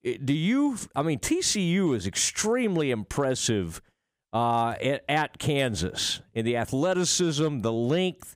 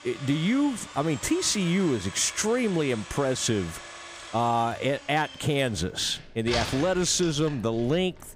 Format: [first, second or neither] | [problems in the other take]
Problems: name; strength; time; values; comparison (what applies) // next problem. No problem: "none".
first | household noises; noticeable; throughout; 15 dB below the speech